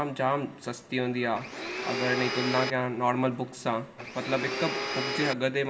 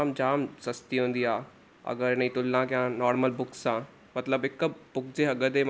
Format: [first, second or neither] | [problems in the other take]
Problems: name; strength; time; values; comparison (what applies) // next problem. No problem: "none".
second | background sound (Domestic sounds, home sounds); 3 dB below the speech // room echo; dies away in 2 s